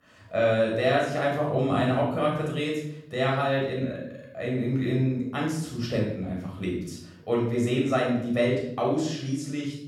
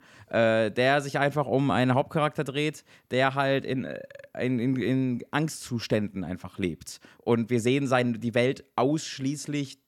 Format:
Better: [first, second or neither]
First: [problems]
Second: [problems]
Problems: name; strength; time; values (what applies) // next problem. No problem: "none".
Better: second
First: off-mic speech; far // room echo; noticeable; dies away in 0.7 s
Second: none